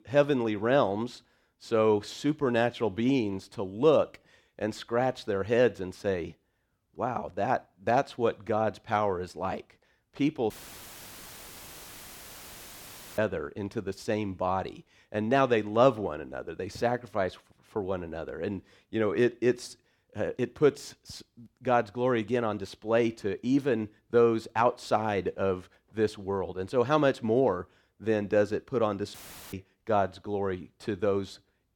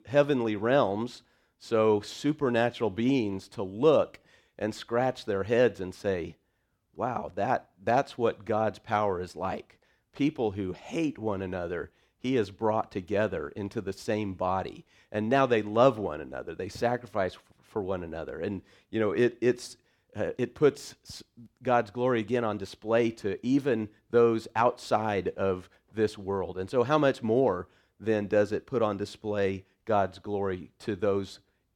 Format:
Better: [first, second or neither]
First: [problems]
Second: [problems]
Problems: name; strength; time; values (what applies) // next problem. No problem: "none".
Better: second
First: audio cutting out; filled with static; at 11 s for 2.5 s and at 29 s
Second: none